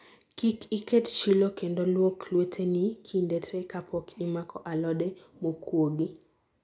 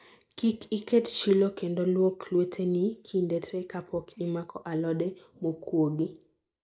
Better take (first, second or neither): first